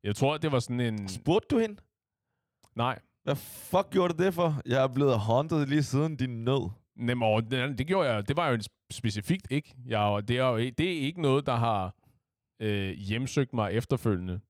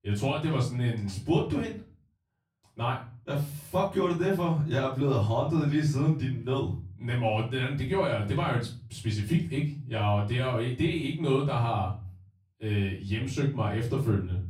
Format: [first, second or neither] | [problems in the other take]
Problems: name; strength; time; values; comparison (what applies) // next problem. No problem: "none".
first | off-mic speech; far // room echo; slight; dies away in 0.4 s